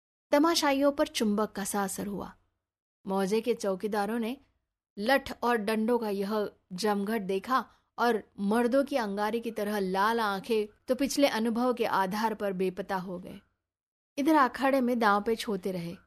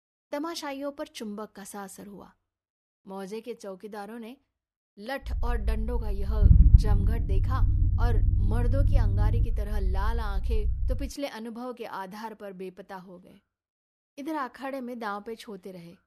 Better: first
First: none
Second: low rumble; loud; from 5.5 to 11 s; 6 dB below the speech

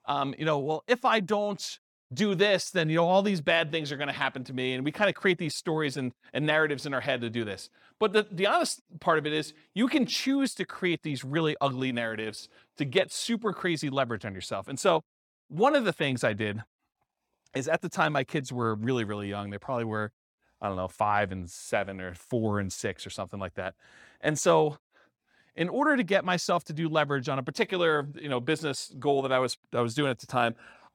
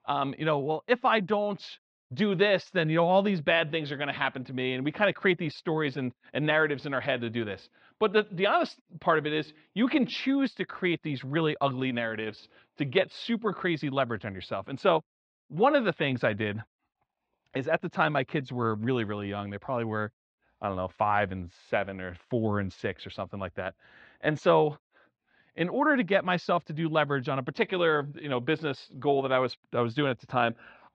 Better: first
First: none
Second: muffled; slightly; fading above 3.5 kHz

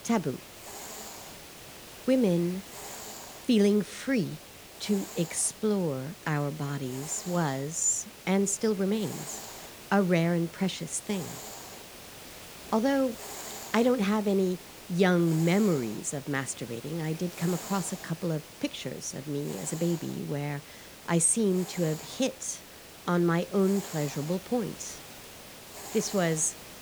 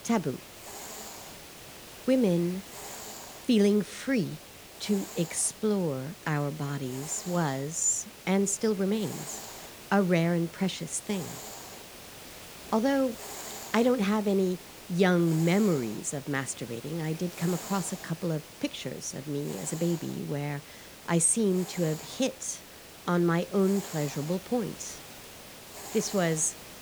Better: neither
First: hiss; noticeable; throughout; 15 dB below the speech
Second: hiss; noticeable; throughout; 15 dB below the speech

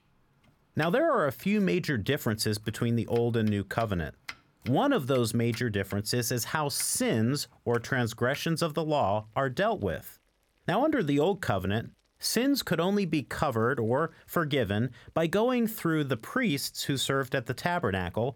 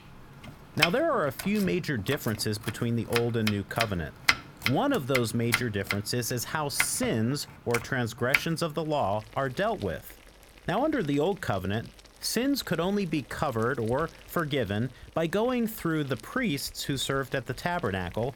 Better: first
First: household noises; faint; throughout; 20 dB below the speech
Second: household noises; loud; throughout; 2 dB below the speech

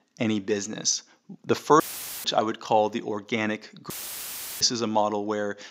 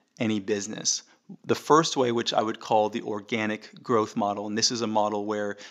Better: second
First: audio cutting out; filled with static; at 2 s and at 4 s for 0.5 s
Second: none

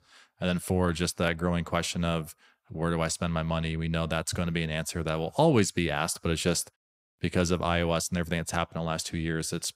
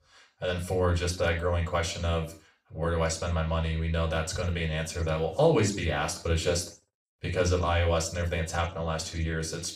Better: first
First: none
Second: room echo; slight; dies away in 0.4 s // off-mic speech; far

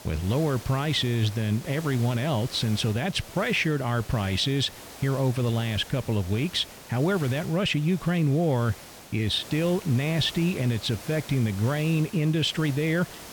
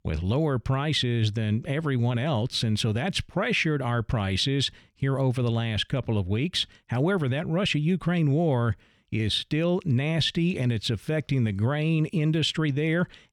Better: second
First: hiss; noticeable; throughout; 15 dB below the speech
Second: none

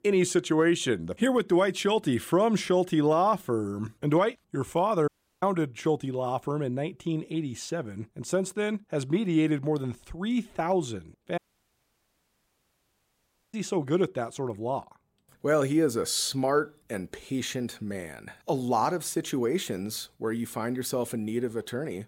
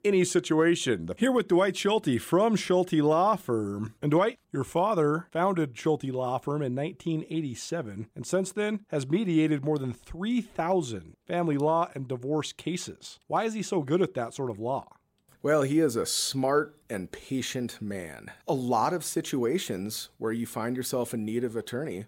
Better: second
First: audio cutting out; at 5 s and at 11 s for 2 s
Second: none

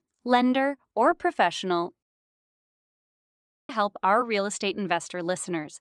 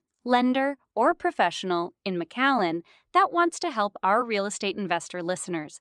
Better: second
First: audio cutting out; at 2 s for 1.5 s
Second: none

